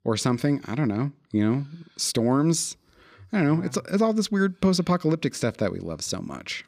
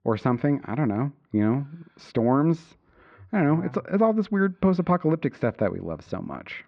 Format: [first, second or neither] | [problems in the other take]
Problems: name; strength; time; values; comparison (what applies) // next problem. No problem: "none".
first | muffled; very; fading above 2 kHz